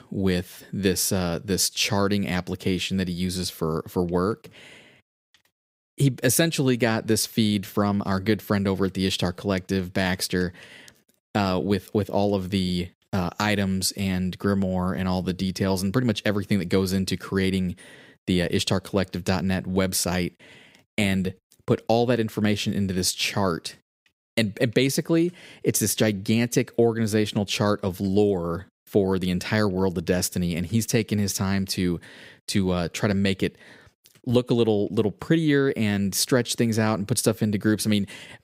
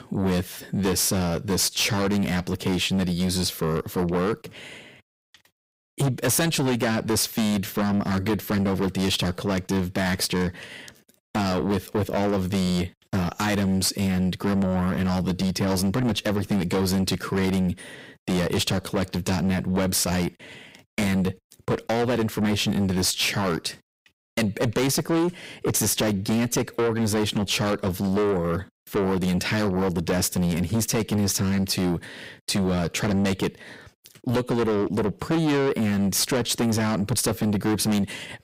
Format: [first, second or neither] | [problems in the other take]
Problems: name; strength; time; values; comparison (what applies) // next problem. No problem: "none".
first | distortion; heavy; 6 dB below the speech